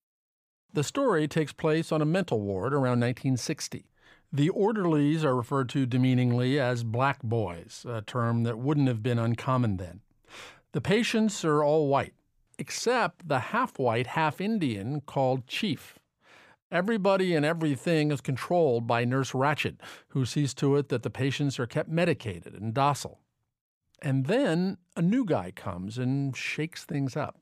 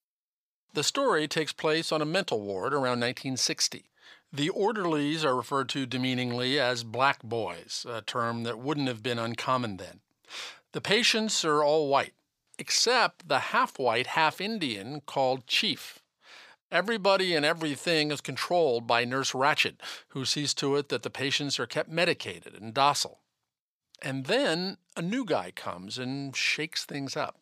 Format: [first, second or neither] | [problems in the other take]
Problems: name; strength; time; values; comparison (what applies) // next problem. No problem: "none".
first | thin; somewhat; fading below 650 Hz